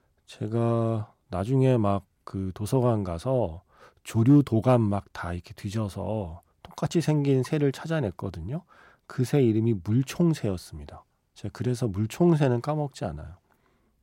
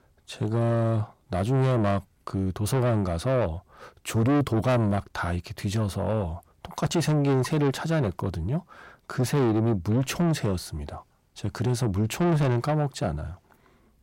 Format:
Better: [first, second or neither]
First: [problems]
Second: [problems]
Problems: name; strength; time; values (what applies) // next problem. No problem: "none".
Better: first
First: none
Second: distortion; heavy; 6 dB below the speech